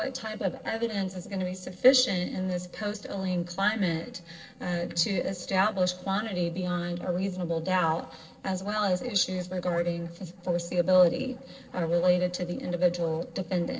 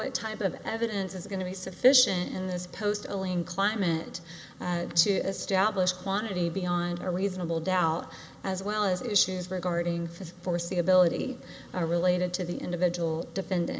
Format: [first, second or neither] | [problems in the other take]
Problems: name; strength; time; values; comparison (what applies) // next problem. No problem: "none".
second | noise reduction (neural separator model SepFormer DNS4)